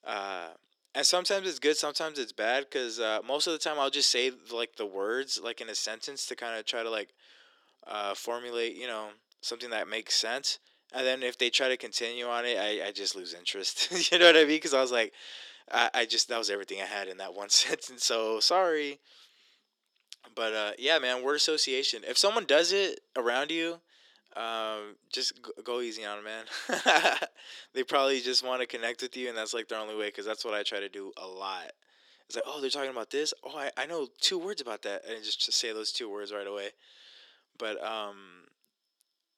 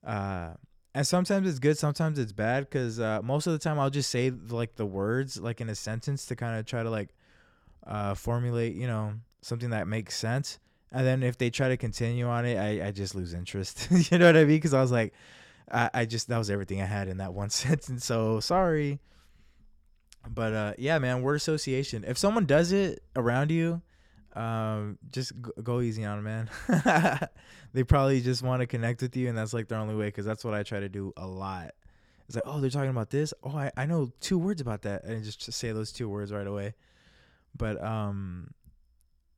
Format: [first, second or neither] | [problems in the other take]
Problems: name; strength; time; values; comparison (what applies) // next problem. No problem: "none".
second | thin; very; fading below 300 Hz